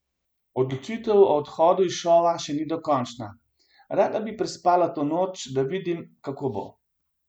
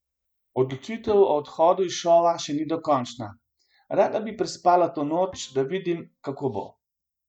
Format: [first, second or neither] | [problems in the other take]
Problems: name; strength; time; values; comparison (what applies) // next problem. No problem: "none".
first | noise reduction (neural mask model DeepFilterNet 3)